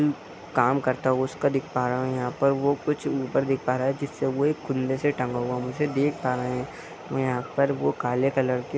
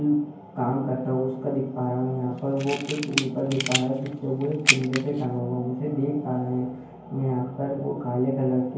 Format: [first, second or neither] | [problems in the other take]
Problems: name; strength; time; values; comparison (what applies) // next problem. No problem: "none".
first | background sound (Camera); 3 dB below the speech // room echo; dies away in 0.9 s